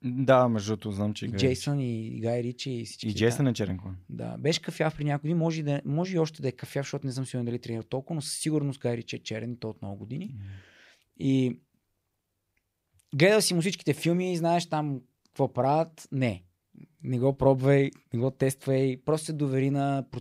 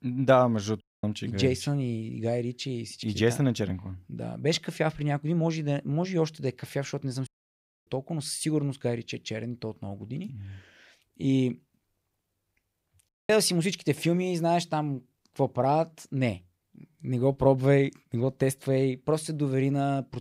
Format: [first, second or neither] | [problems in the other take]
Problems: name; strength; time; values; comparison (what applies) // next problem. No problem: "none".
first | audio cutting out; at 1 s, at 7.5 s for 0.5 s and at 13 s